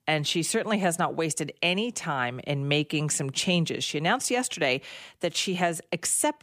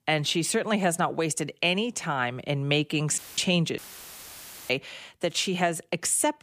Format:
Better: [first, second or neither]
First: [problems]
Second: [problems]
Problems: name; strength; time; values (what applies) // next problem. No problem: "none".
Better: first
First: none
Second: audio cutting out; filled with static; at 3 s and at 4 s for 1 s